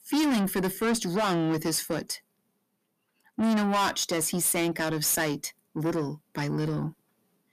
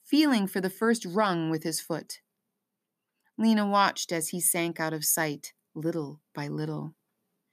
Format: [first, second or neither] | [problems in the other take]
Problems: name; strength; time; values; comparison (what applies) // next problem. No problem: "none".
second | distortion; heavy; 6 dB below the speech